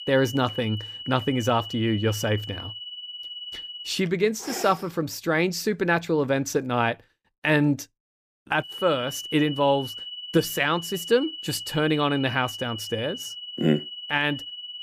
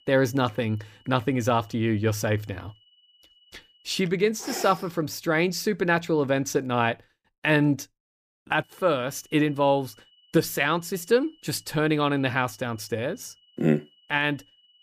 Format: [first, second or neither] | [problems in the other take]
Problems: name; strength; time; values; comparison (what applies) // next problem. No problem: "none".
second | high-pitched whine; loud; until 4 s and from 8.5 s on; 3 kHz, 10 dB below the speech; faint in the second